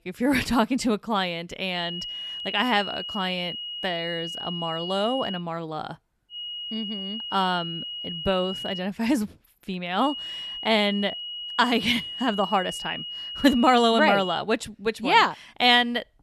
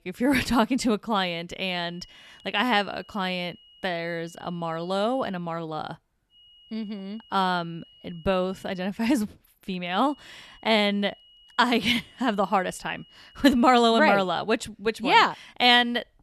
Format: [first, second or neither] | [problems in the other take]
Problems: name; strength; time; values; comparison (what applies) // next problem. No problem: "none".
second | high-pitched whine; loud; from 2 to 5.5 s, from 6.5 to 9 s and from 10 to 14 s; 3 kHz, 8 dB below the speech; faint in the second